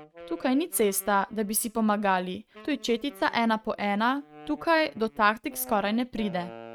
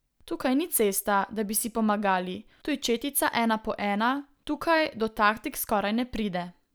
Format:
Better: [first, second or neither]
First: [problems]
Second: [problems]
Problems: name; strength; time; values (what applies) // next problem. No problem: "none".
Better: second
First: noise reduction (neural mask model RNNoise)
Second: none